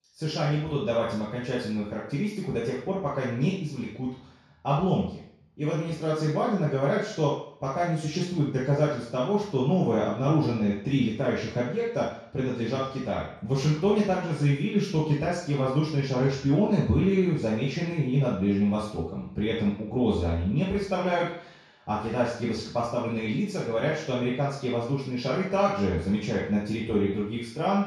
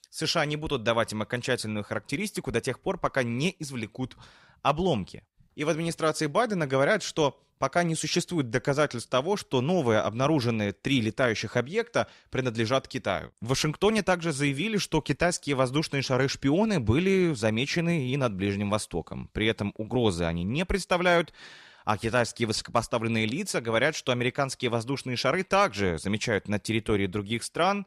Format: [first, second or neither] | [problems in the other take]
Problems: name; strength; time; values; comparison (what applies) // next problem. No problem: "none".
second | room echo; noticeable; dies away in 0.6 s // off-mic speech; far